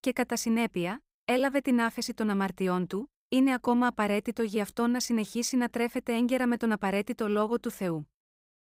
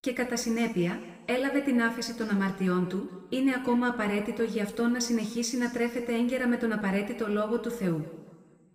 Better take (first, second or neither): first